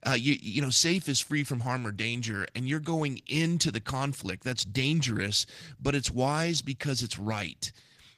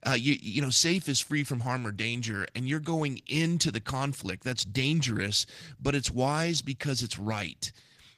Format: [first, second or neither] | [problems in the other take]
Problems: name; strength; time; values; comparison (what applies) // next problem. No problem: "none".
neither | garbled, watery; slightly; the same in both